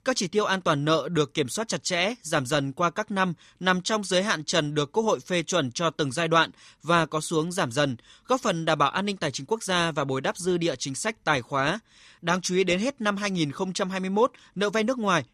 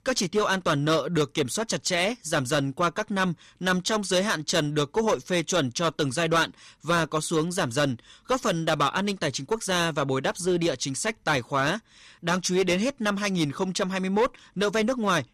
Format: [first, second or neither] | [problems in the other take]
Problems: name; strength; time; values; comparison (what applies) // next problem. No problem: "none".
first | distortion; slight; 6% of the sound clipped